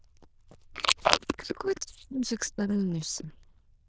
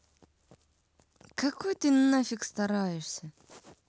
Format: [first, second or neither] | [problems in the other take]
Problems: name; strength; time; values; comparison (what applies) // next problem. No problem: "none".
second | noise reduction (neural diffusion model UNIVERSE++)